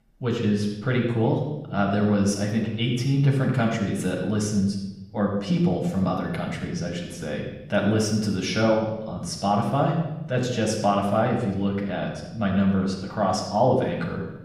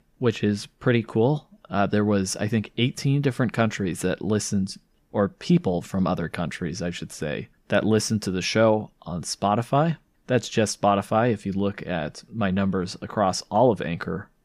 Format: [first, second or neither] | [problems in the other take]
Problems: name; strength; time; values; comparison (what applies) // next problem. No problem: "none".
second | off-mic speech; far // room echo; noticeable; dies away in 0.9 s